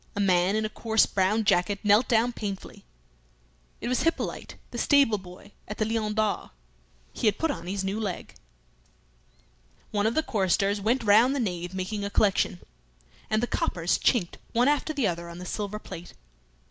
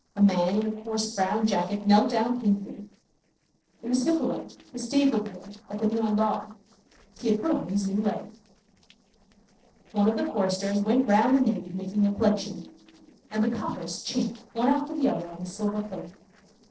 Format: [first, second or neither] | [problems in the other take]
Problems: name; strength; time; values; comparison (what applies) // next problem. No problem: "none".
first | noise reduction (neural separator model SepFormer DNS4)